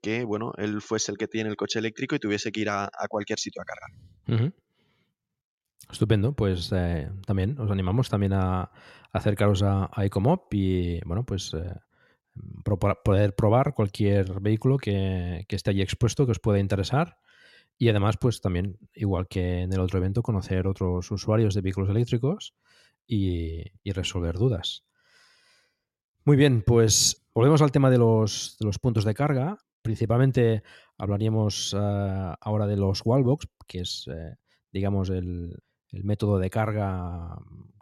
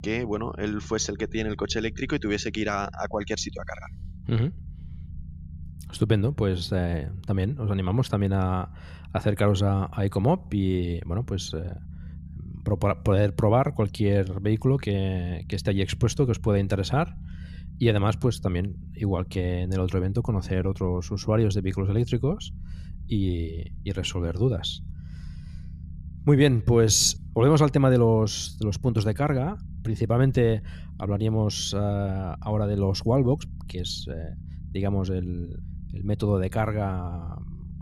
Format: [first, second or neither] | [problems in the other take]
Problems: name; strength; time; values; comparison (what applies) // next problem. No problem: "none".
first | low rumble; faint; throughout; 25 dB below the speech